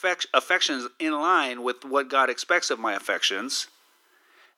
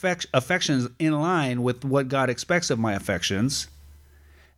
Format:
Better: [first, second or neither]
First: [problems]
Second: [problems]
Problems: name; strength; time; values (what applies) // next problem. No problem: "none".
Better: second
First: thin; very; fading below 300 Hz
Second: none